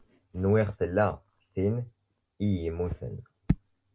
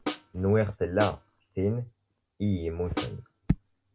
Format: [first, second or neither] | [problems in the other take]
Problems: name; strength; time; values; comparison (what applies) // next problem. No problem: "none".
first | background sound (Snare drum); 9 dB below the speech